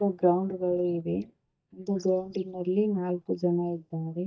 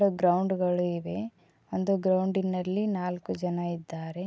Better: second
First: noise reduction (neural mask model DeepFilterNet 3)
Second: none

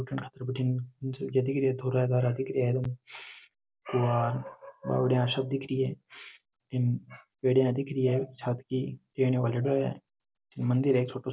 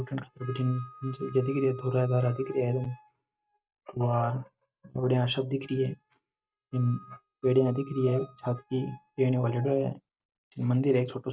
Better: first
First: none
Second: noise reduction (neural mask model RNNoise)

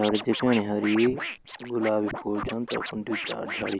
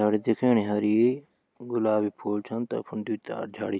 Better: second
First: background sound (Scratching (performance technique)); 8 dB below the speech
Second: none

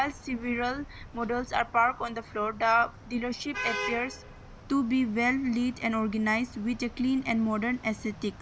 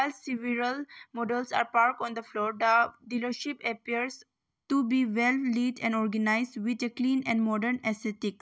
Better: second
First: background sound (Traffic noise, roadway noise / Vehicle horn, car horn, honking); 13 dB below the speech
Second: none

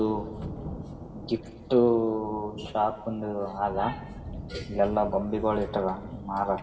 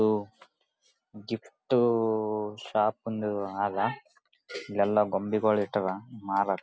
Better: second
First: background sound (Thunder); 12 dB below the speech // room echo; dies away in 2.4 s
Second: none

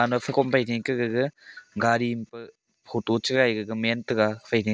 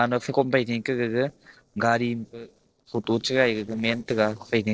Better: first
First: none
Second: noise reduction (neural separator model SepFormer DNS4)

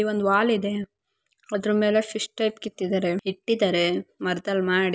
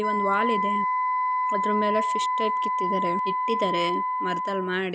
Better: first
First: none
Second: background sound (Wind instrument, woodwind instrument); 4 dB above the speech

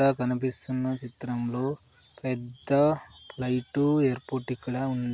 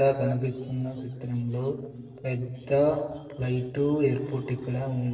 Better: first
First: none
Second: noise reduction (neural separator model SepFormer DNS4)

